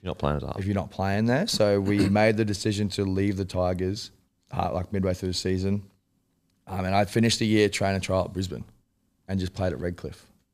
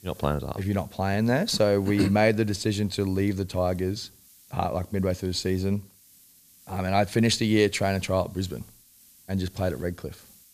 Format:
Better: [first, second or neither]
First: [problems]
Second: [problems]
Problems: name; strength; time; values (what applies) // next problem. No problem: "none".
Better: first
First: none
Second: hiss; faint; throughout; 25 dB below the speech